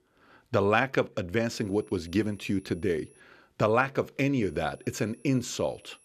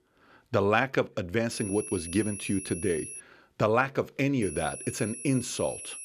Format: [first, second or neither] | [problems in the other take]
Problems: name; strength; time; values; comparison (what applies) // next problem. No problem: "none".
first | high-pitched whine; loud; from 1.5 to 3 s and from 4.5 s on; 10.5 kHz, 9 dB below the speech; faint in the first